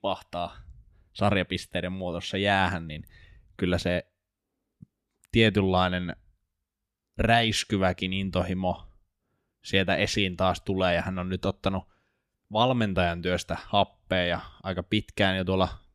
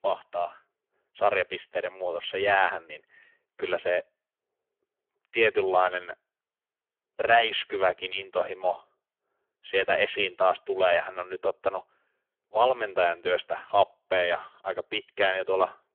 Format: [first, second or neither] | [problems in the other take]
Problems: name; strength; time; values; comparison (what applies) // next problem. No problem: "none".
first | phone-call audio; poor line; nothing above 3.5 kHz